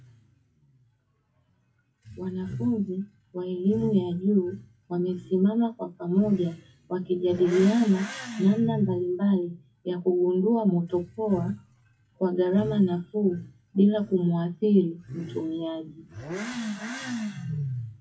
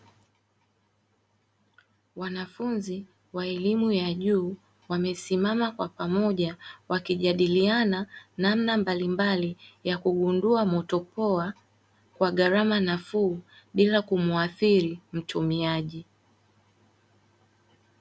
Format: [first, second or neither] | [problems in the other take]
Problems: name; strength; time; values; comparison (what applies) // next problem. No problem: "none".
second | noise reduction (classical method WPE with log-MMSE)